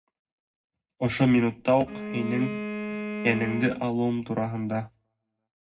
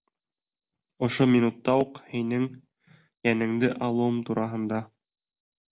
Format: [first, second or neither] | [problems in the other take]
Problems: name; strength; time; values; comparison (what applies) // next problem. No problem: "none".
second | background sound (Bowed string instrument); 7 dB below the speech // room echo; dies away in 0.3 s